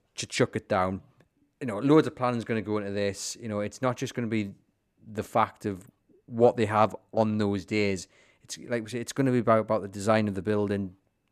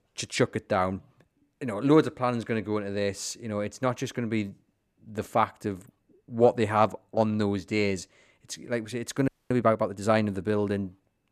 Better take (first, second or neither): first